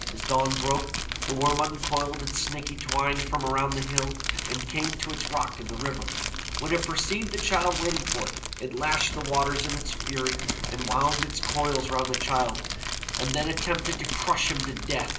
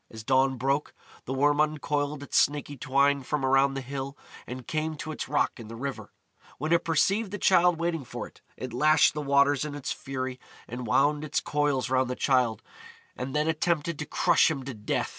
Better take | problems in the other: second | background sound (Crumpling, crinkling); 2 dB below the speech // room echo; dies away in 0.5 s

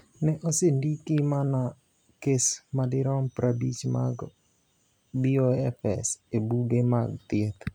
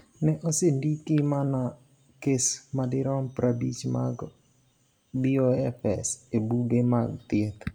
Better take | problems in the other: first | room echo; dies away in 0.3 s

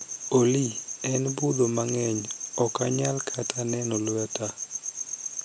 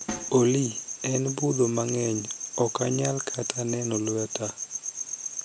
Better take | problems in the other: first | background sound (Snare drum); 16 dB below the speech

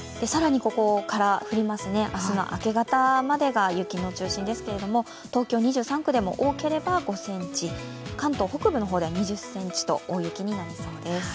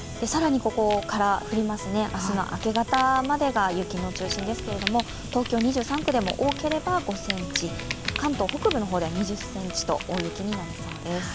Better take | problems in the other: first | background sound (Fire); 10 dB below the speech

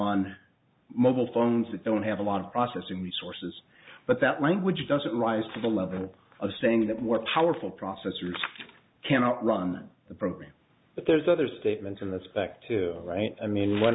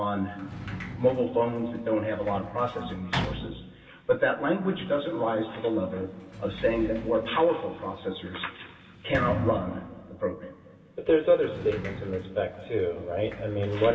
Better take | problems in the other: first | background sound (Sliding door); 11 dB below the speech // room echo; dies away in 2.2 s

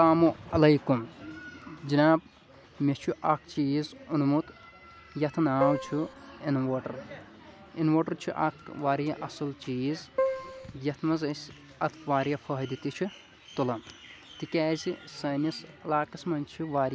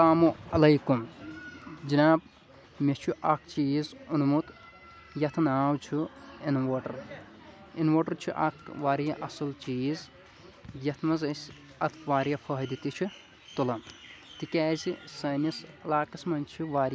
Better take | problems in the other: second | background sound (Keyboard (musical)); 1 dB below the speech

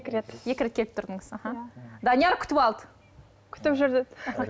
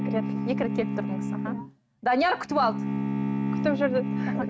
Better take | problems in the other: first | noise reduction (neural mask model RNNoise)

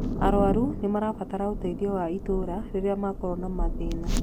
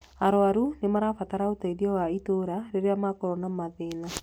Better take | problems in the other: second | background sound (Thunder); 2 dB below the speech

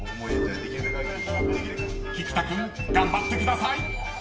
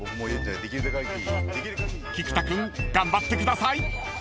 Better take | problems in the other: second | background sound (Organ); 3 dB below the speech // room echo; dies away in 0.6 s

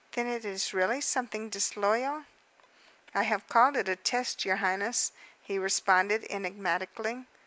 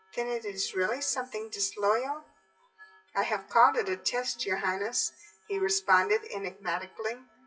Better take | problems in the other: first | noise reduction (classical method WPE with log-MMSE)

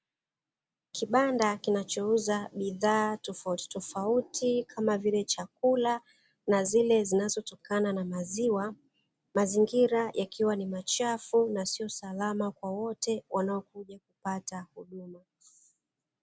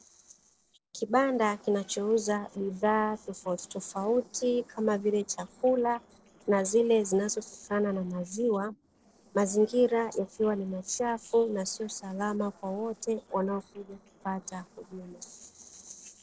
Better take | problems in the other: first | noise reduction (neural separator model SepFormer DNS4)

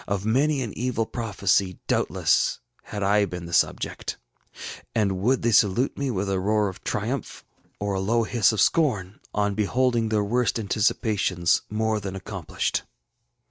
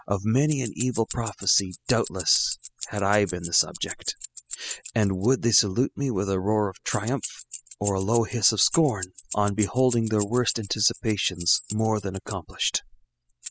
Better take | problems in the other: first | noise reduction (classical method spectral subtraction)

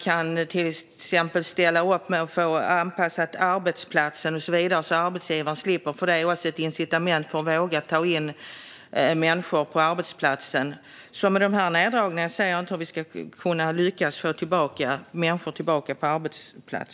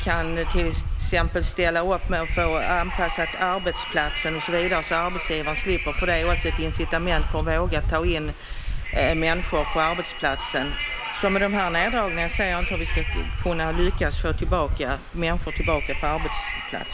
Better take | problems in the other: first | background sound (Wind); as loud as the speech

